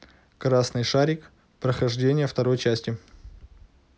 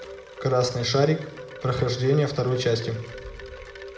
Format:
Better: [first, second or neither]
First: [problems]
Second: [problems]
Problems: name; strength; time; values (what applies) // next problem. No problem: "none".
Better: first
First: none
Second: background sound (Wind chime); 15 dB below the speech // room echo; dies away in 1.2 s